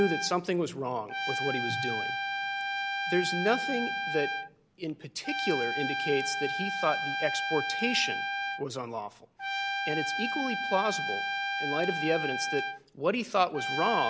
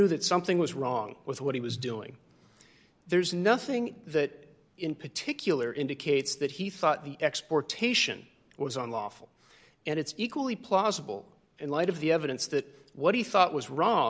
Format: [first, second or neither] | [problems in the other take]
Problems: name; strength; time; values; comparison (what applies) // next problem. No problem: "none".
second | background sound (Trumpet); 1 dB below the speech